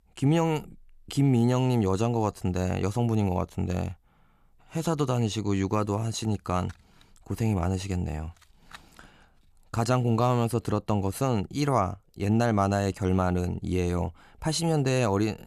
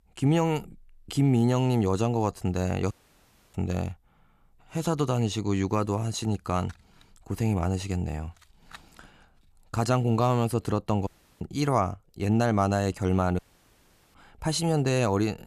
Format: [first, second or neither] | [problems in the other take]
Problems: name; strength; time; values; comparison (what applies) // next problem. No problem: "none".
first | audio cutting out; at 3 s for 0.5 s, at 11 s and at 13 s for 1 s